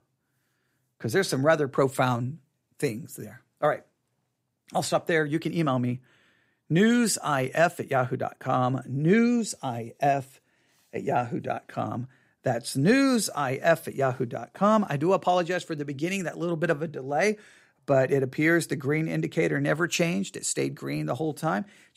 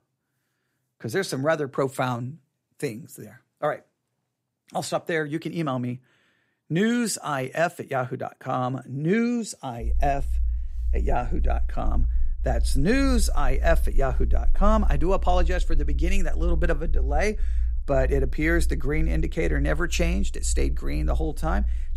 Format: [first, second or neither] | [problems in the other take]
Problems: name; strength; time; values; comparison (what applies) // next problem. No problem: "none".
first | low rumble; faint; from 10 s on; 25 dB below the speech